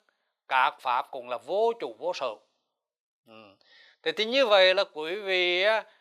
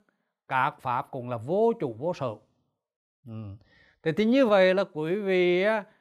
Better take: second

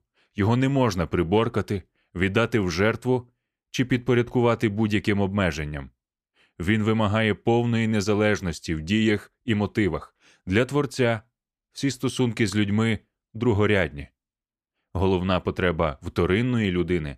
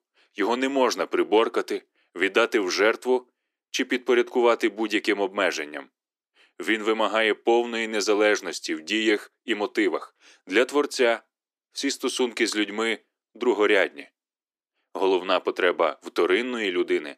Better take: first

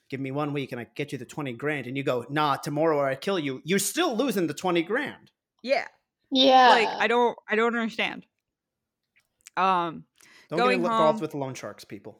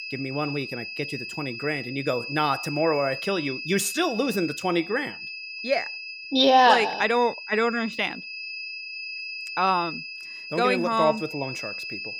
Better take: first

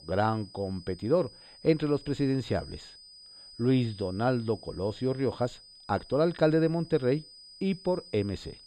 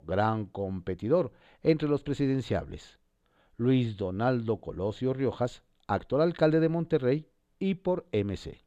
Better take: second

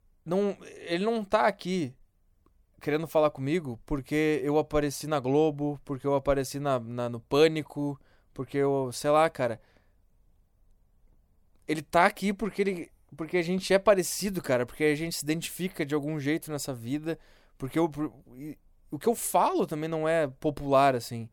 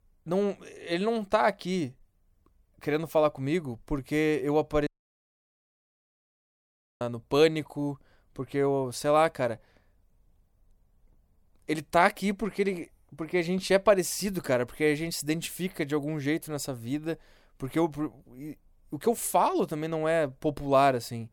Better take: first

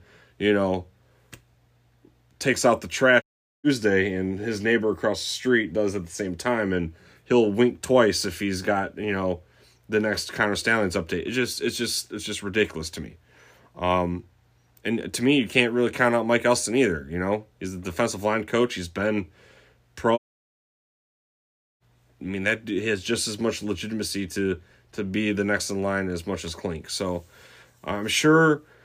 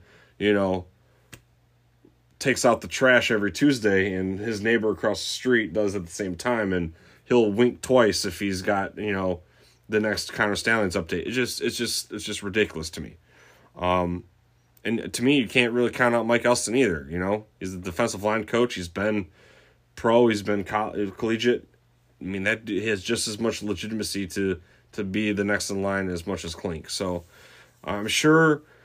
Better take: second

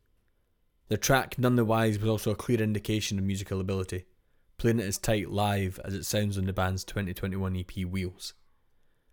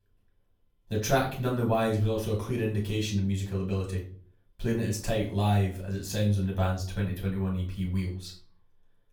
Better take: first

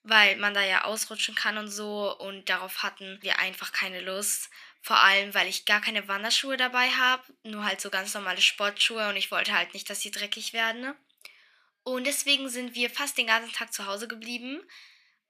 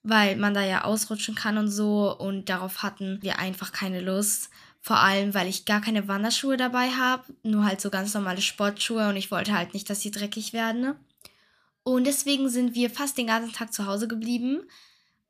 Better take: second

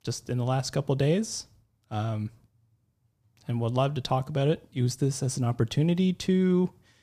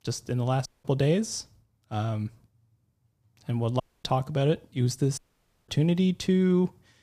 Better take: first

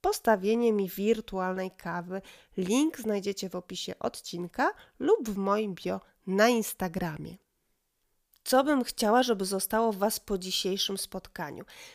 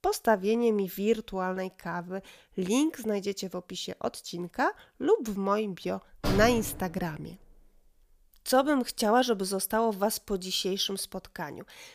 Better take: first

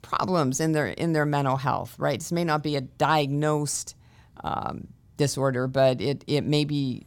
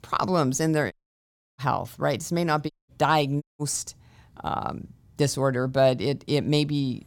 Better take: first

